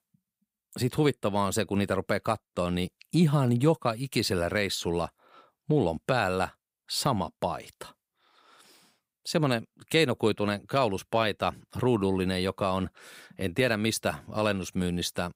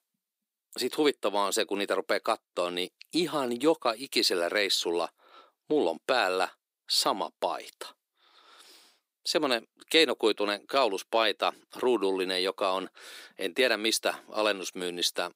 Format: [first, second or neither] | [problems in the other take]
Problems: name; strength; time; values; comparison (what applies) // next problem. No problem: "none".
first | thin; somewhat; fading below 300 Hz